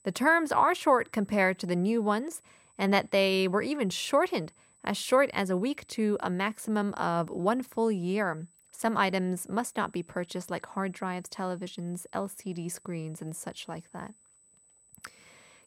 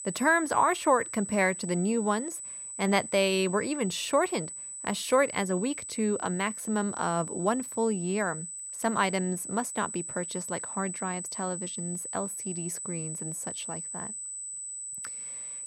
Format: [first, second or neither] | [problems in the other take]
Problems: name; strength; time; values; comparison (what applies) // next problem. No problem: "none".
first | high-pitched whine; loud; throughout; 8 kHz, 7 dB below the speech; faint in the first